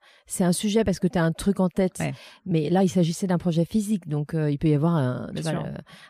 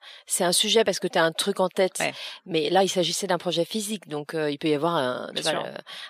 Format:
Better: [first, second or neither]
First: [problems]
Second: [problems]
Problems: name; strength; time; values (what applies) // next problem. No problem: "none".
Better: first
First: none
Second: thin; somewhat; fading below 450 Hz